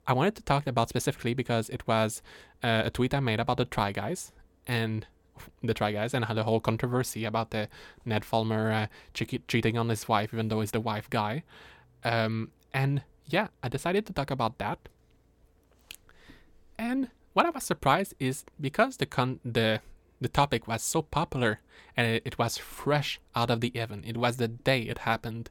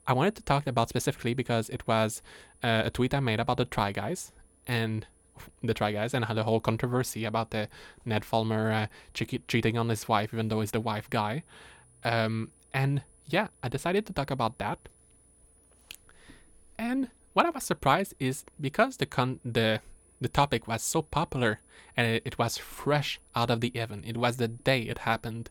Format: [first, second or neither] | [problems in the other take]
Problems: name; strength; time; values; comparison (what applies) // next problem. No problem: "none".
first | high-pitched whine; faint; throughout; 10 kHz, 30 dB below the speech